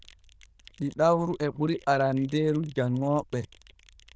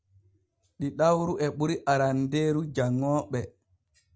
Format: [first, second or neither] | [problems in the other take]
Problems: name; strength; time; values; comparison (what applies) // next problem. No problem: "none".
second | noise reduction (neural diffusion model UNIVERSE++)